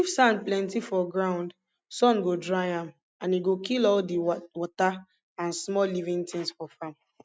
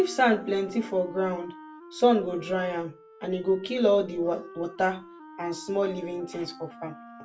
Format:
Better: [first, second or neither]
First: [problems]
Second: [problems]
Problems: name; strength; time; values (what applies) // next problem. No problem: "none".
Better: first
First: none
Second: background sound (Wind instrument, woodwind instrument); 18 dB below the speech // room echo; dies away in 0.2 s